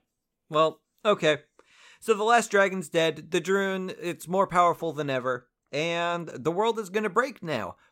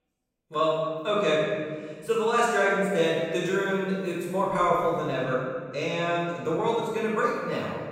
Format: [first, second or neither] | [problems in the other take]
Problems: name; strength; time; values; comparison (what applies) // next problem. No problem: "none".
first | room echo; strong; dies away in 1.8 s // off-mic speech; far